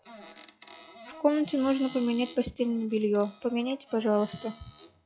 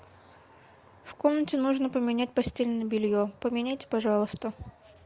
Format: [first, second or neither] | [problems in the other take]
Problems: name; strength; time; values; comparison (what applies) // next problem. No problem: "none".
second | noise reduction (classical method log-MMSE)